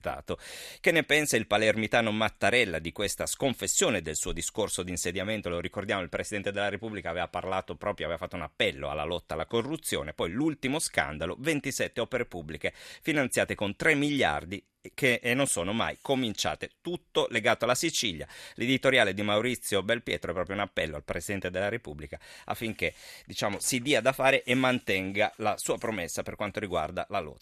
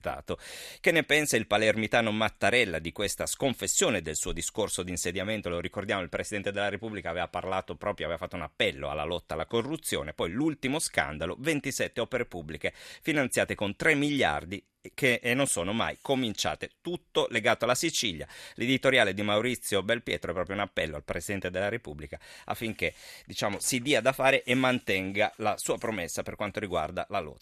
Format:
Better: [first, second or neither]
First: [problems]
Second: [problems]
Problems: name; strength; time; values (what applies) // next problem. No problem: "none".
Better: neither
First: none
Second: none